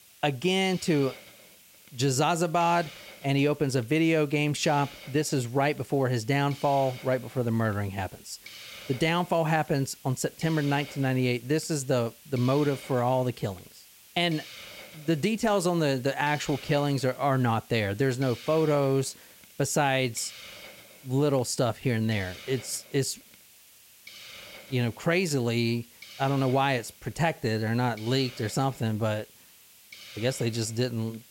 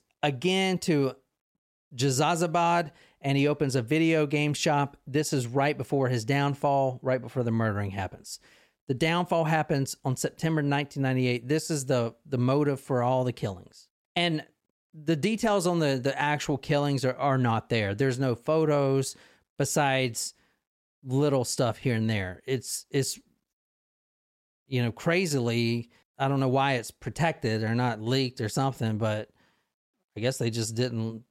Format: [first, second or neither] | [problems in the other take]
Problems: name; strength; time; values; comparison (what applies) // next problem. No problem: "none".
second | hiss; noticeable; throughout; 20 dB below the speech